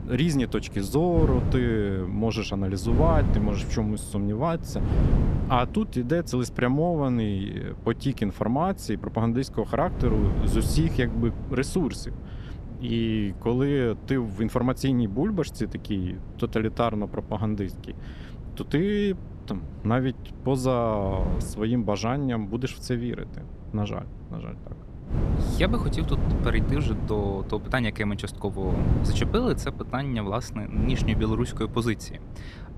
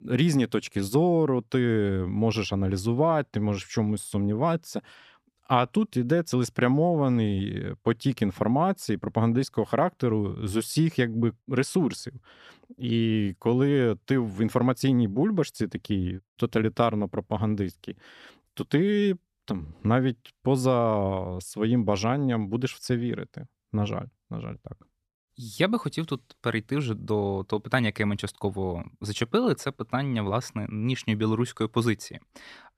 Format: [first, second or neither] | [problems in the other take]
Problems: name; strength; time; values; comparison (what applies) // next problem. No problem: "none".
second | wind noise on the microphone; occasional gusts; 10 dB below the speech